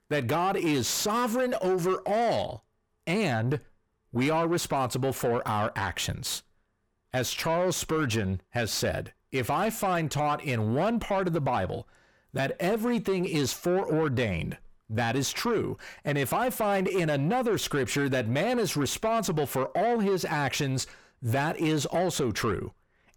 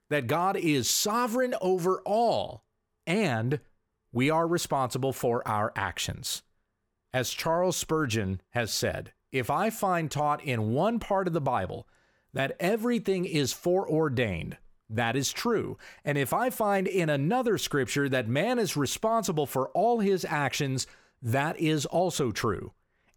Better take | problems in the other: second | distortion; slight; 10 dB below the speech

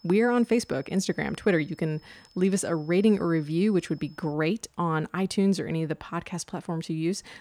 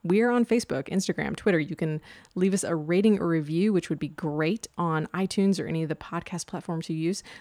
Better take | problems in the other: second | high-pitched whine; faint; until 4.5 s; 5 kHz, 30 dB below the speech

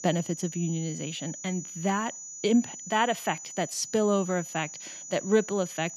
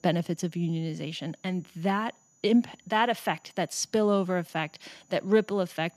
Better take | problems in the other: second | high-pitched whine; loud; throughout; 7 kHz, 10 dB below the speech; faint in the second

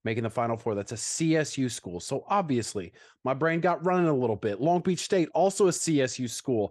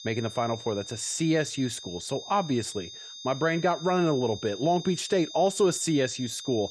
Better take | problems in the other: first | high-pitched whine; noticeable; throughout; 3.5 kHz, 10 dB below the speech

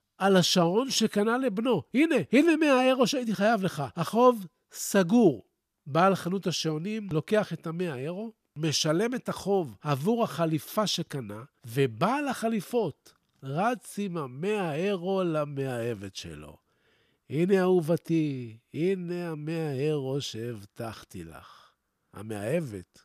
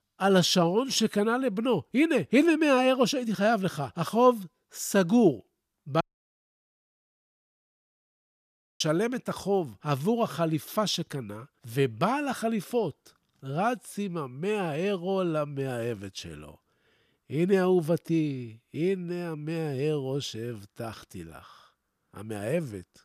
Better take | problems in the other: first | audio cutting out; at 6 s for 3 s

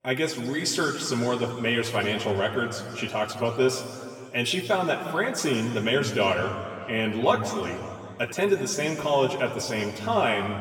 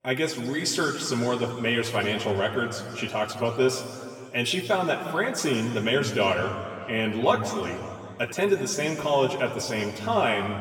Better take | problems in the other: neither | room echo; noticeable; dies away in 2 s; the same in both // off-mic speech; far; the same in both

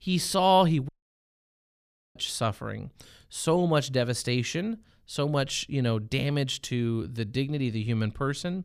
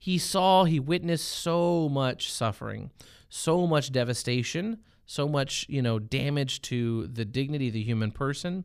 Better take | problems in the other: second | audio cutting out; at 1 s for 1.5 s

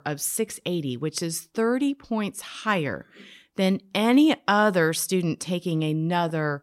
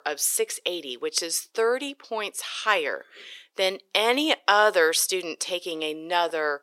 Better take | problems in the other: first | thin; very; fading below 450 Hz

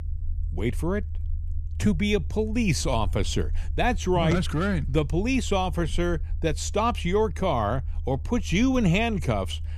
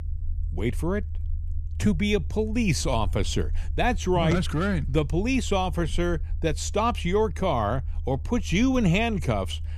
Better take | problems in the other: neither | low rumble; faint; throughout; 25 dB below the speech; the same in both

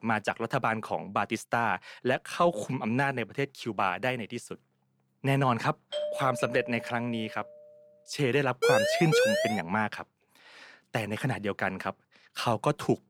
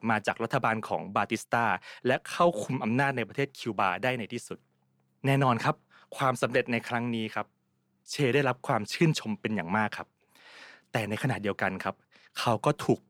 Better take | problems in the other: second | doorbell; noticeable; from 6 to 7.5 s; peak 4 dB below the speech // siren; loud; at 8.5 s; peak 5 dB above the speech

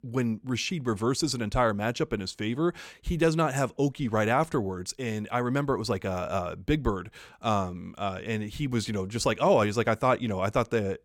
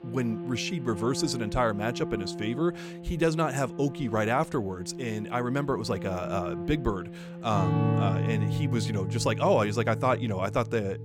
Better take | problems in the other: first | background music; loud; throughout; 5 dB below the speech

